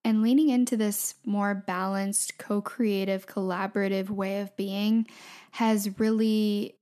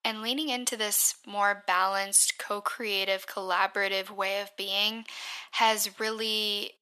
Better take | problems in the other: first | thin; very; fading below 850 Hz

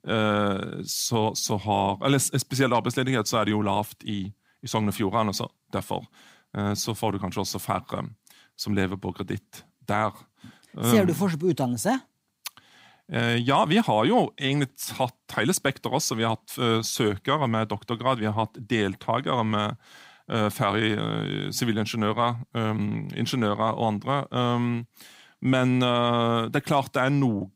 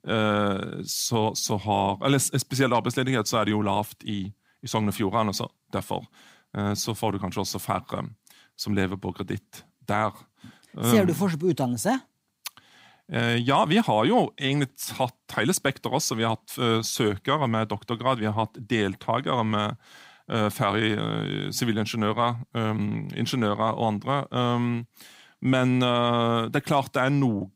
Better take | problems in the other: neither | none

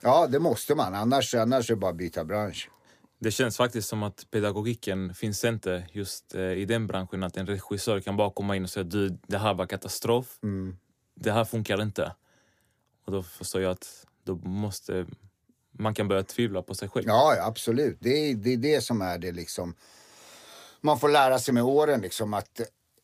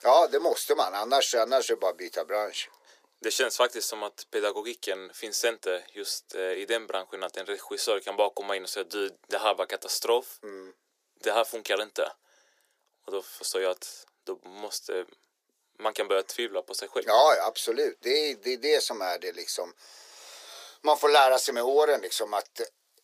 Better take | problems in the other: first | thin; very; fading below 400 Hz

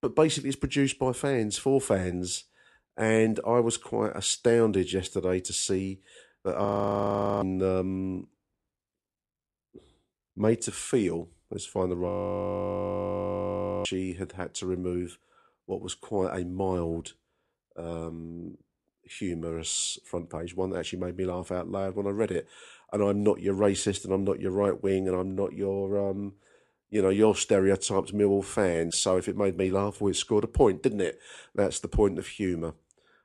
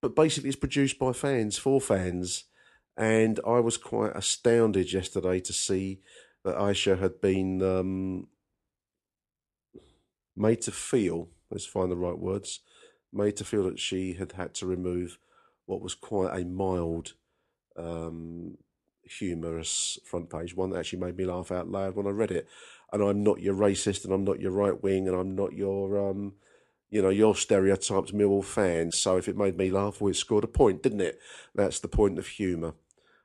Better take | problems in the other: second | audio freezing; at 6.5 s for 1 s and at 12 s for 2 s

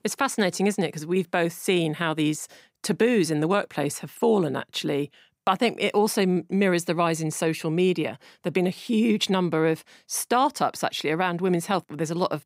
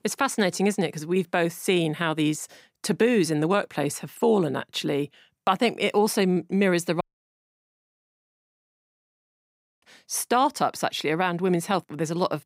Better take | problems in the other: first | audio cutting out; at 7 s for 3 s

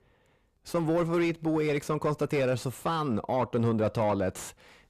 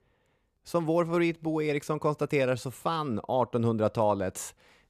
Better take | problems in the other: second | distortion; slight; 10 dB below the speech

